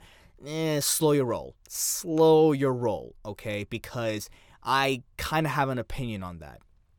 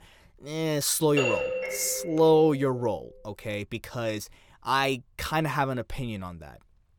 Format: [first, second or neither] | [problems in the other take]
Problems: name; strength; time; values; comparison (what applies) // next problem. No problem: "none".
first | doorbell; loud; from 1 to 2.5 s; peak level with the speech